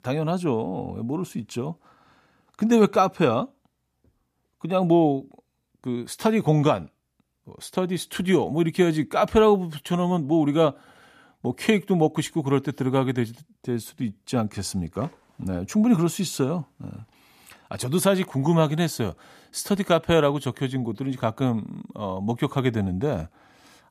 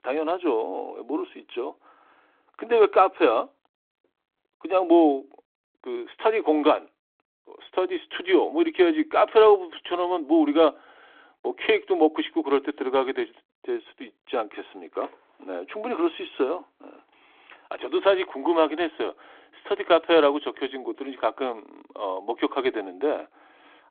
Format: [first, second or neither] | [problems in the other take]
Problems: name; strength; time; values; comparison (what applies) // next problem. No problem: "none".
first | phone-call audio